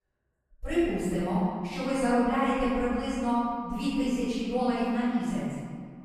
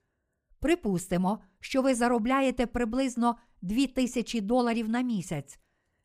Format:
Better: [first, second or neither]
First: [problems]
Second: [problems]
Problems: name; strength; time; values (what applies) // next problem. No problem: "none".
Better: second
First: off-mic speech; far // room echo; strong; dies away in 1.9 s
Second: none